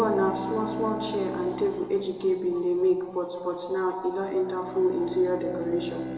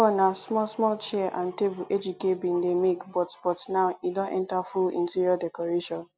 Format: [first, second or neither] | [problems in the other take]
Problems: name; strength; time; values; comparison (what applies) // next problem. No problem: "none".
second | background sound (Bowed string instrument); 10 dB below the speech // room echo; dies away in 1.8 s